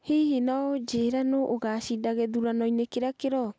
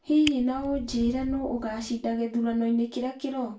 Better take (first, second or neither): first